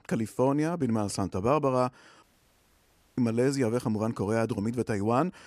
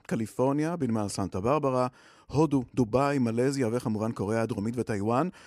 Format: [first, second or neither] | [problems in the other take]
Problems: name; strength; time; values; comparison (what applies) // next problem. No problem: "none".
second | audio cutting out; at 2 s for 1 s